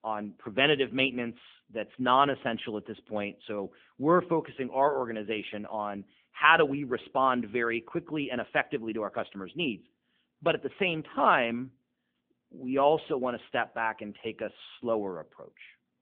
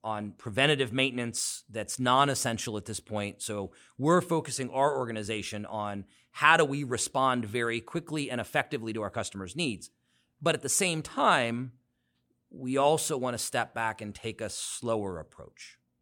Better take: second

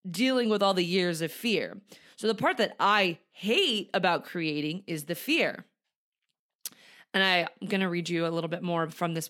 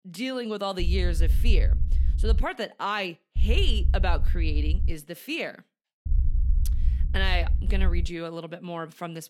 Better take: first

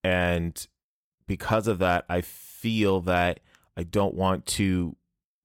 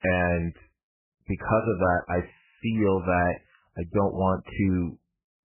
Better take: first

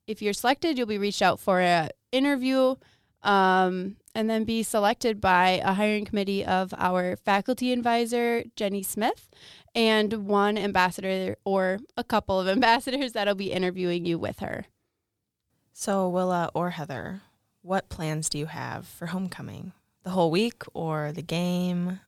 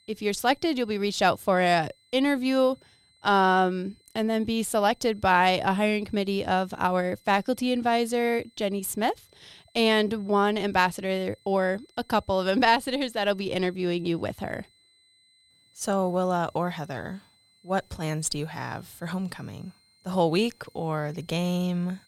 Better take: first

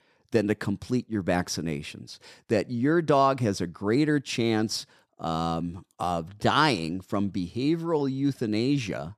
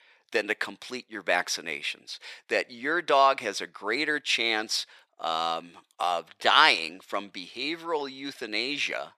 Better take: first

